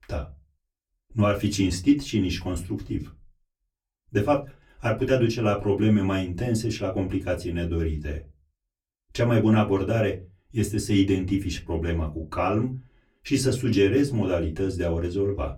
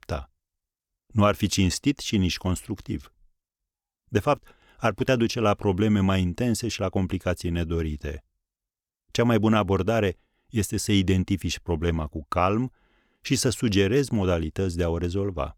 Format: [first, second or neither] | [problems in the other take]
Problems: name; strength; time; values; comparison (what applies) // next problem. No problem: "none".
second | off-mic speech; far // room echo; very slight; dies away in 0.2 s